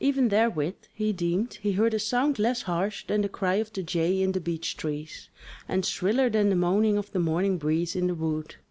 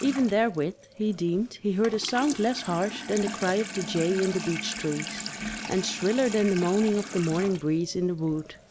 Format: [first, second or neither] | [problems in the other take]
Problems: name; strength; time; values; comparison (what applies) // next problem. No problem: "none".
first | background sound (Sink (filling or washing) / Water tap, faucet); 11 dB below the speech